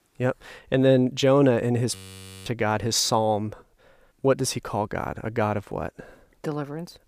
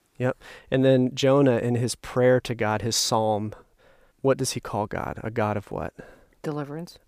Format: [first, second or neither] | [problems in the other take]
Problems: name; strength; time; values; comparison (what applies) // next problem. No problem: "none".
second | audio freezing; at 2 s for 0.5 s